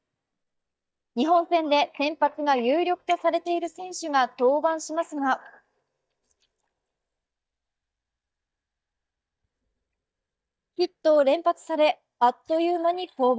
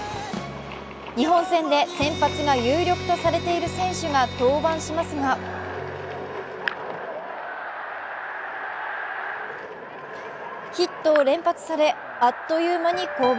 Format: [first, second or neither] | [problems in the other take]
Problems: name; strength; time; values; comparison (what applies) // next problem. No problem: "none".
second | noise reduction (neural mask model DeepFilterNet 3)